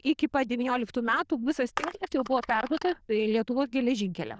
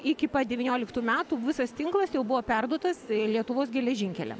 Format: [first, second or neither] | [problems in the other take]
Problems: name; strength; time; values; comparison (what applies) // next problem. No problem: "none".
second | noise reduction (neural diffusion model UNIVERSE++)